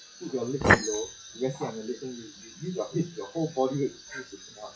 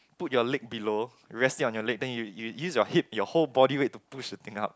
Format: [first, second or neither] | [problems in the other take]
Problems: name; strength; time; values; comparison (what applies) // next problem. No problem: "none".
second | noise reduction (classical method WPE with log-MMSE)